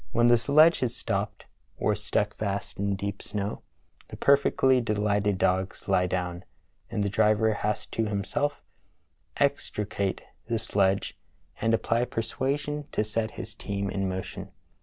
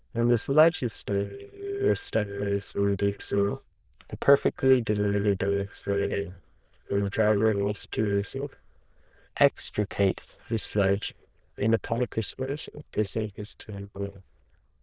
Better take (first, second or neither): first